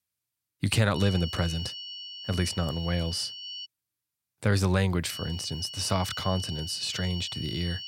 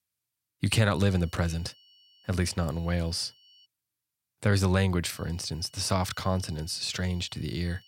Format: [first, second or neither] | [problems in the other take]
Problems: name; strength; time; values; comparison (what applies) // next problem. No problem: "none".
second | high-pitched whine; loud; from 1 to 3.5 s and from 5 s on; 3 kHz, 8 dB below the speech; faint in the second